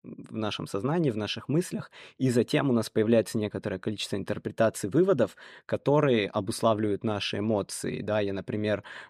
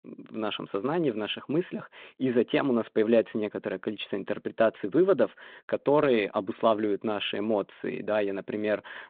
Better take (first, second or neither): first